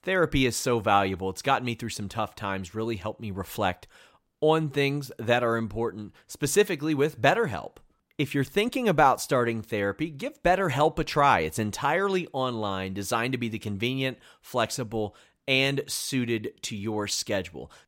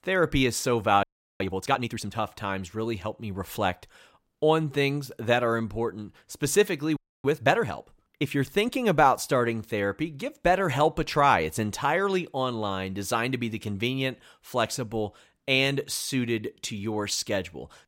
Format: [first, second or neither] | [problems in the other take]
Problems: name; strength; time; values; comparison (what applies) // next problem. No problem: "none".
first | audio freezing; at 1 s and at 7 s